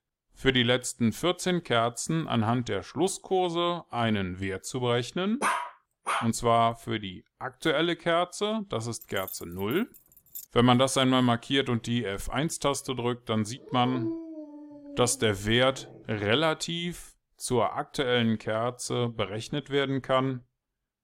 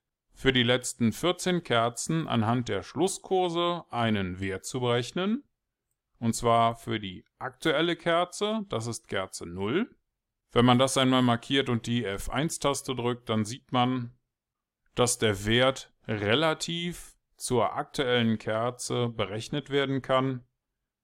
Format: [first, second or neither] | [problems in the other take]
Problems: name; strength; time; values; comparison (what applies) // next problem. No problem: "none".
second | dog barking; noticeable; at 5.5 s and from 14 to 16 s; peak 1 dB below the speech // jangling keys; faint; from 9 to 10 s; peak 15 dB below the speech